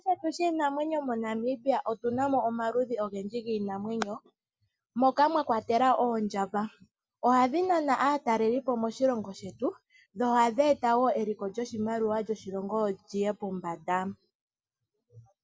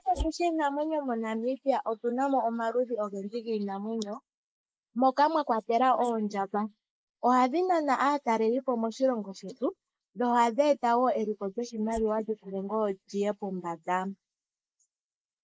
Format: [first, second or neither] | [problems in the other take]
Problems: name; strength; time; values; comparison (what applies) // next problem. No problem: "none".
first | noise reduction (neural mask model Resemble Enhance denoiser)